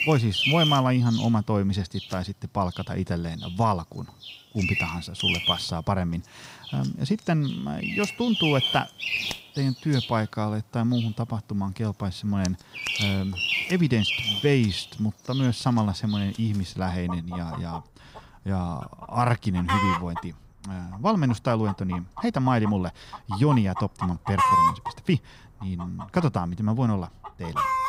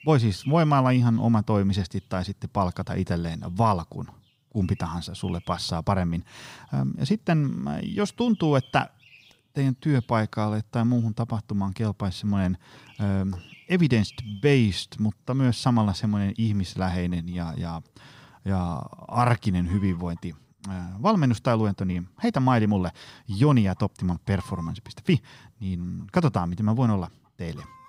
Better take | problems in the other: second | animal sounds; loud; throughout; 1 dB below the speech; faint in the second

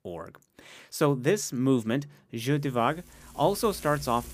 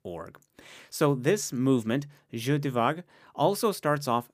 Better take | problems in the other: second | household noises; noticeable; throughout; 20 dB below the speech

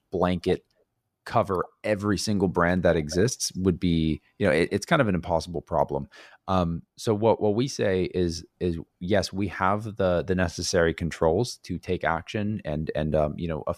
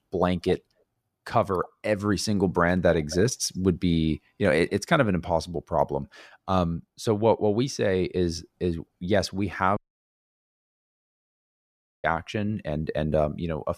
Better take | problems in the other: first | audio cutting out; at 10 s for 2.5 s

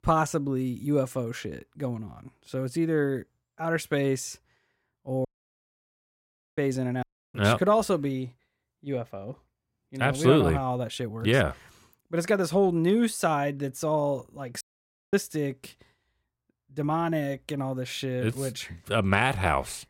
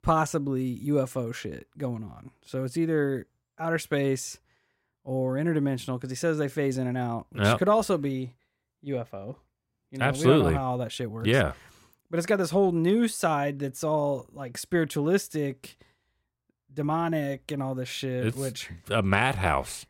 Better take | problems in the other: second | audio cutting out; at 5.5 s for 1.5 s, at 7 s and at 15 s for 0.5 s

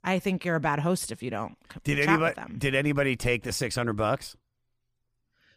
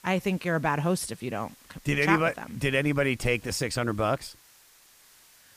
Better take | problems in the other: first | hiss; faint; throughout; 25 dB below the speech

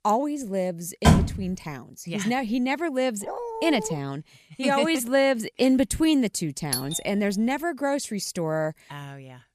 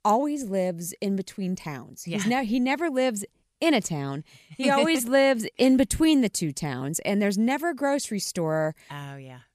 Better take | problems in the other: second | door banging; loud; at 1 s; peak 6 dB above the speech // dog barking; noticeable; at 3 s; peak 7 dB below the speech // doorbell; noticeable; at 6.5 s; peak 3 dB below the speech

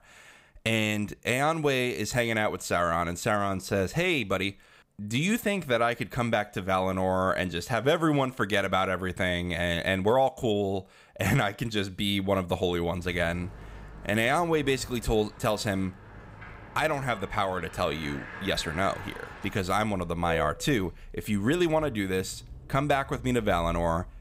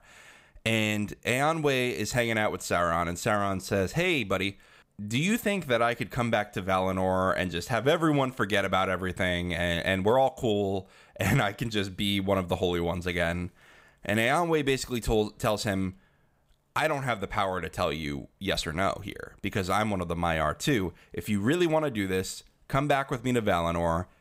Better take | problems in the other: second | traffic noise; noticeable; from 13 s on; 15 dB below the speech

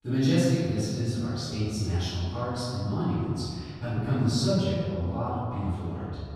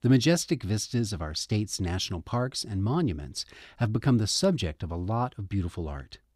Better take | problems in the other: second | off-mic speech; far // room echo; strong; dies away in 2.1 s

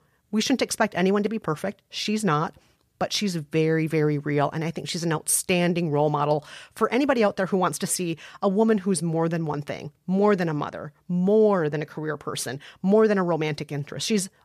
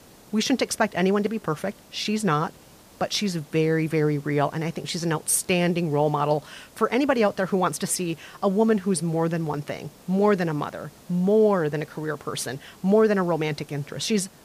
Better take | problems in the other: first | hiss; faint; throughout; 25 dB below the speech

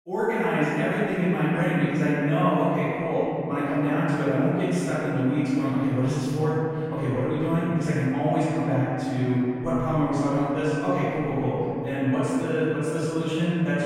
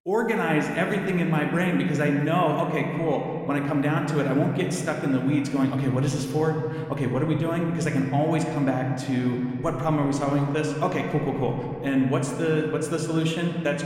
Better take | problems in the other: second | room echo; strong; dies away in 2.9 s; slight in the second // off-mic speech; far

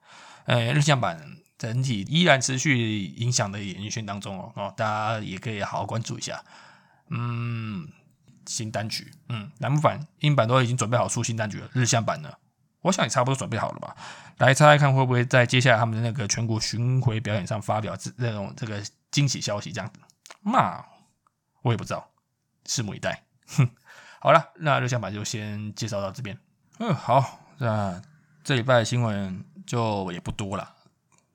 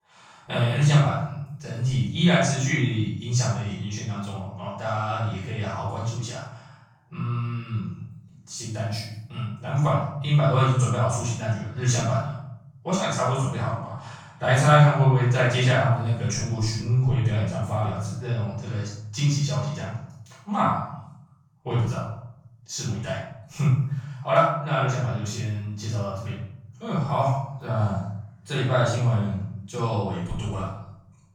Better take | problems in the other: first | off-mic speech; far // room echo; strong; dies away in 0.8 s

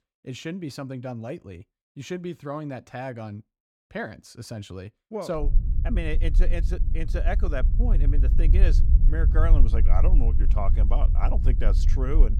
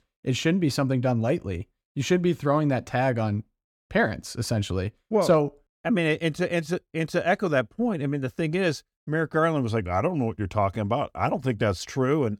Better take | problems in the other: second | low rumble; loud; from 5.5 s on; 9 dB below the speech

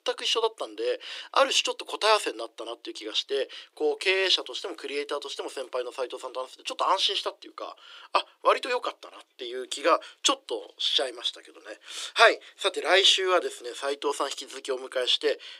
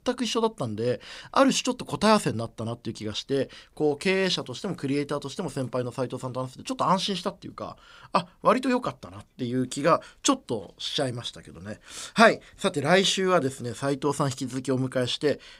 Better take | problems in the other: second | thin; very; fading below 300 Hz

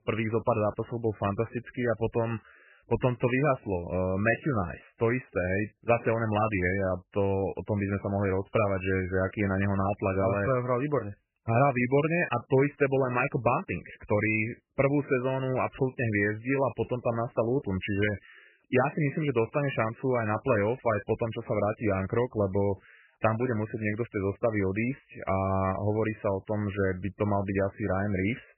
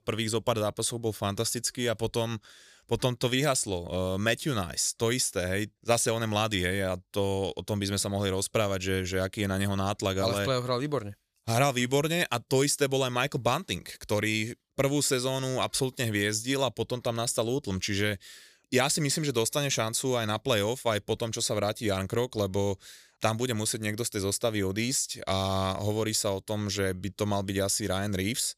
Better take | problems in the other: second | garbled, watery; badly; nothing above 2.5 kHz

